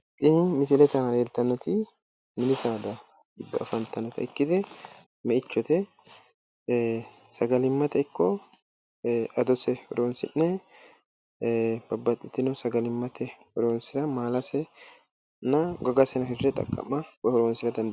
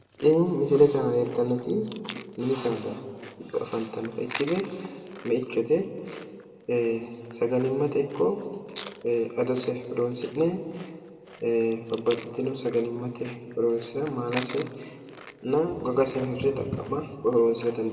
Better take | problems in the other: first | background sound (Chewing, mastication); 19 dB below the speech // room echo; dies away in 1.7 s

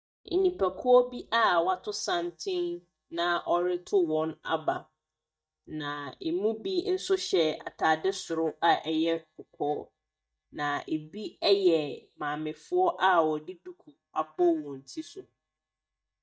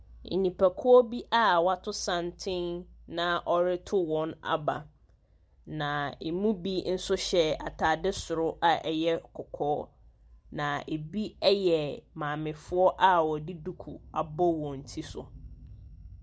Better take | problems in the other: second | noise reduction (neural mask model DeepFilterNet 3)

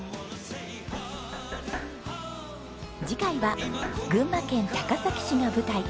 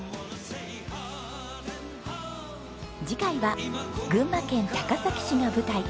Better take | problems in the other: second | background sound (Knock); 11 dB below the speech

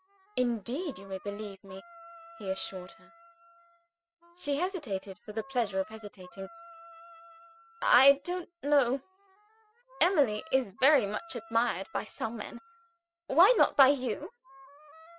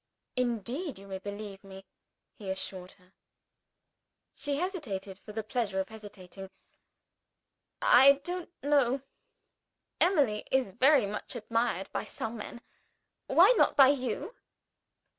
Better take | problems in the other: second | noise reduction (classical method spectral subtraction)

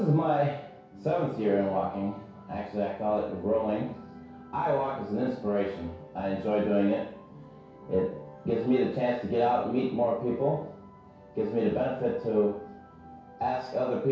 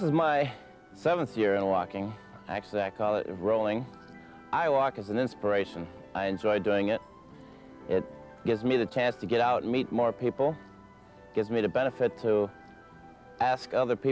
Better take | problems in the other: second | room echo; dies away in 0.6 s

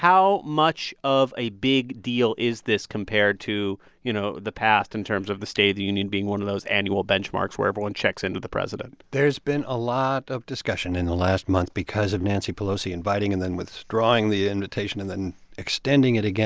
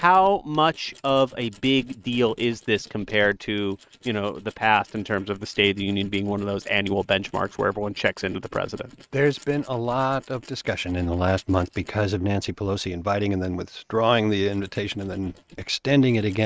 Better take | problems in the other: first | noise reduction (neural mask model RNNoise)

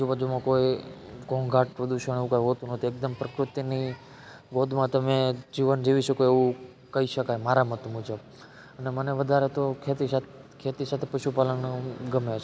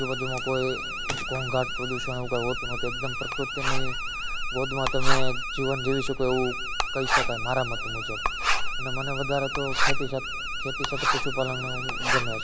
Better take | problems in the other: first | background sound (Writing + Alarm); 4 dB above the speech

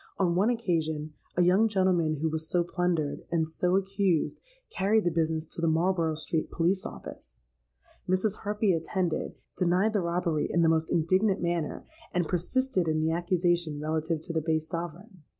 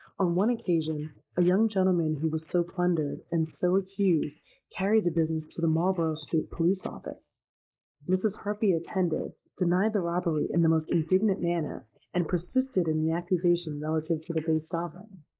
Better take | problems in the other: first | noise reduction (neural mask model Resemble Enhance denoiser)

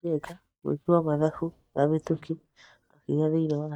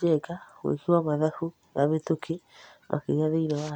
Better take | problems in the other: second | noise reduction (neural mask model DeepFilterNet 3)

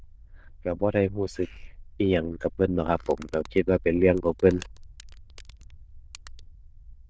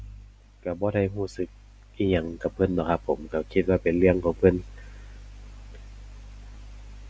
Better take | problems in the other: second | noise reduction (neural diffusion model UNIVERSE++)

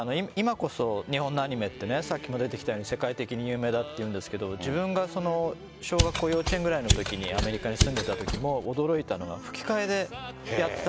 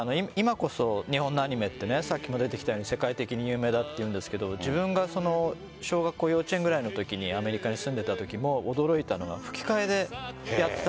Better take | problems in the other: second | background sound (Mechanisms); as loud as the speech

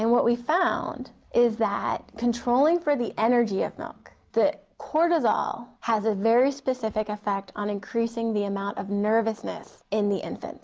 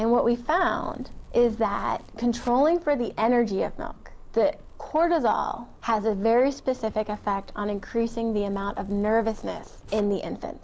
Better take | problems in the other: first | background sound (Zipper (clothing)); 16 dB below the speech

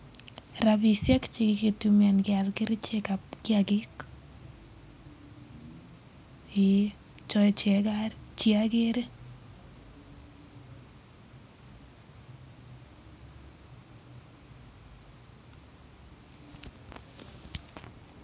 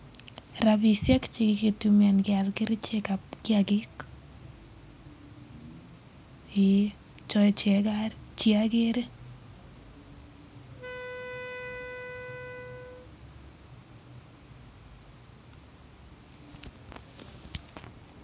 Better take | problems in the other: first | background sound (Wind instrument, woodwind instrument); 12 dB below the speech

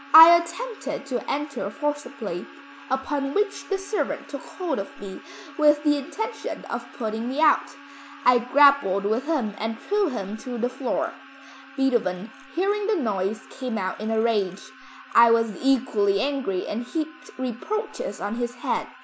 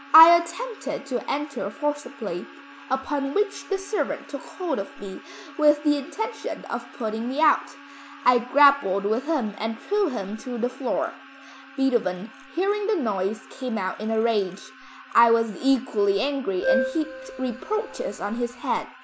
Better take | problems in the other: first | background sound (Keyboard (musical)); 5 dB below the speech

